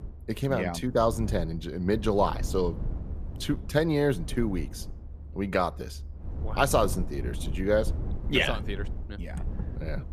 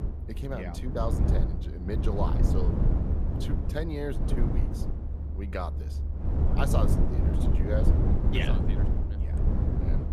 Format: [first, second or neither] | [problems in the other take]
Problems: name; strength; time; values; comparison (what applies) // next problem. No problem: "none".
first | low rumble; loud; throughout; 2 dB below the speech; faint in the first